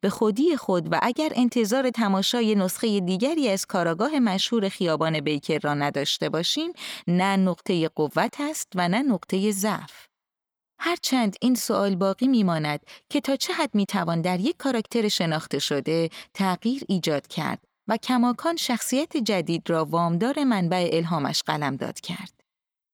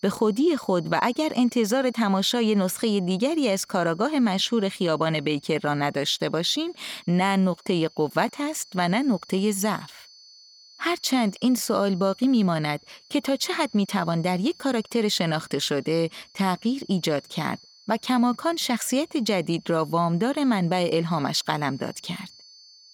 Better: first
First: none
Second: high-pitched whine; faint; throughout; 4.5 kHz, 25 dB below the speech

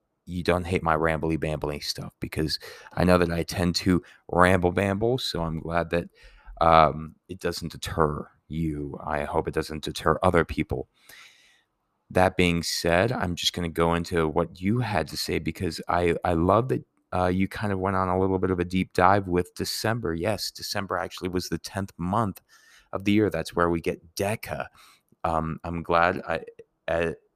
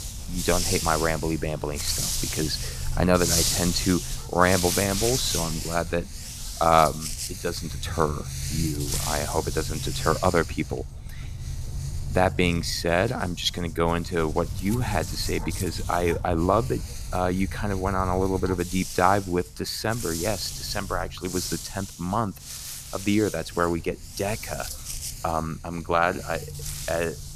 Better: first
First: none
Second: animal sounds; loud; throughout; 5 dB below the speech

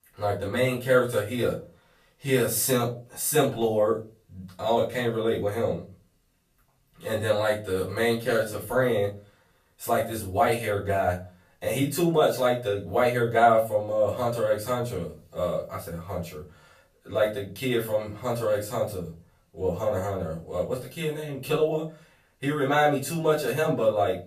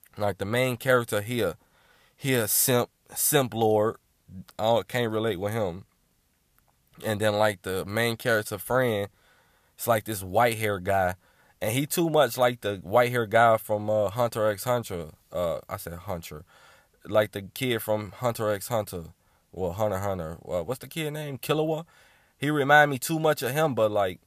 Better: second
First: off-mic speech; far // room echo; slight; dies away in 0.3 s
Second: none

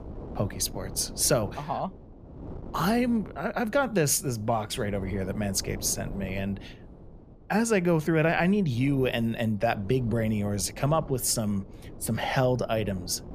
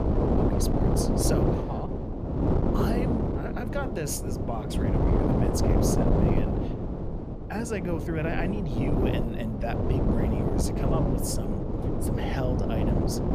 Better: first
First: wind noise on the microphone; occasional gusts; 20 dB below the speech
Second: wind noise on the microphone; heavy; 4 dB above the speech

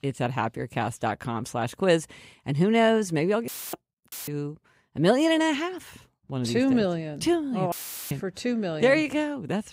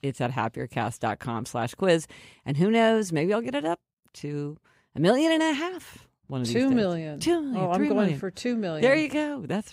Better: second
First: audio cutting out; filled with static; at 3.5 s, at 4 s and at 7.5 s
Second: none

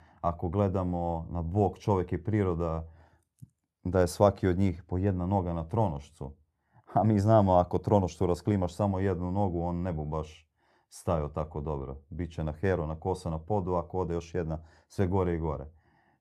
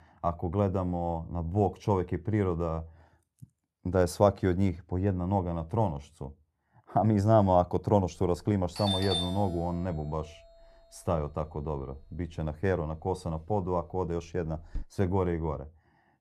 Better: first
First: none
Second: doorbell; noticeable; from 9 to 15 s; peak level with the speech

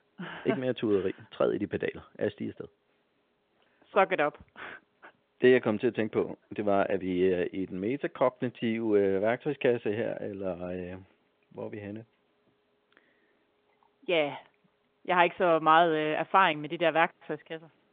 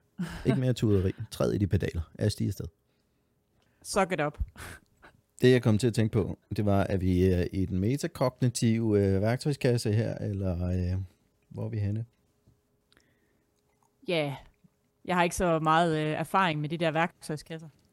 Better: second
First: phone-call audio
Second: none

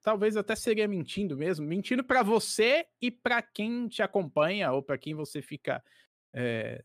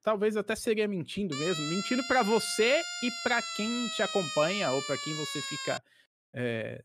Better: first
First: none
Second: siren; noticeable; from 1.5 to 6 s; peak 3 dB below the speech

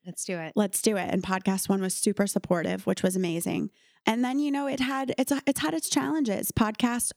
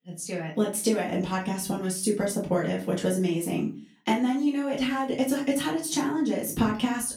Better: first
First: none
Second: off-mic speech; far // room echo; slight; dies away in 0.3 s

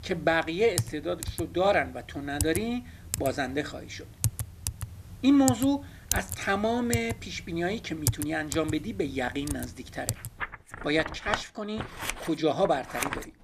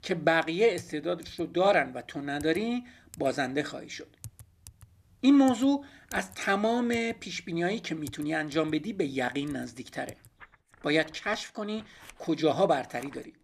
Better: second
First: household noises; loud; throughout; 6 dB below the speech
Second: household noises; faint; throughout; 25 dB below the speech

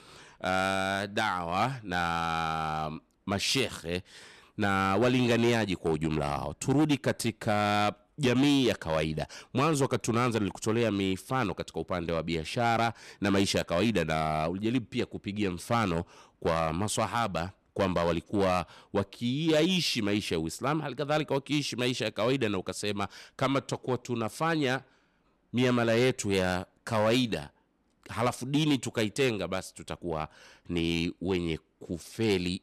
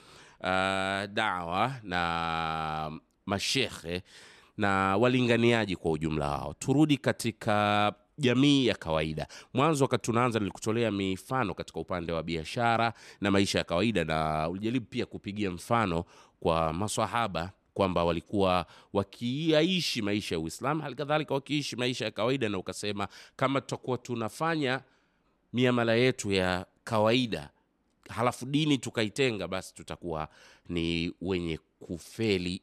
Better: second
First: distortion; slight; 5% of the sound clipped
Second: none

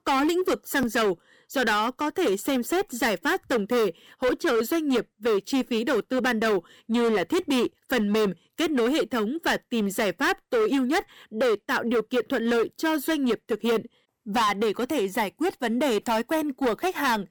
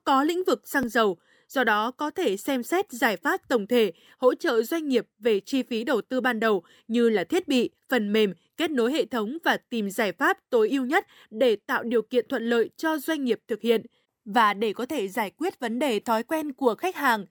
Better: second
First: distortion; heavy; 16% of the sound clipped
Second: none

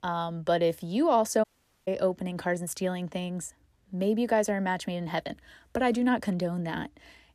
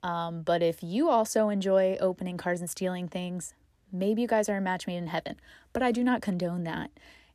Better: second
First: audio cutting out; at 1.5 s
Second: none

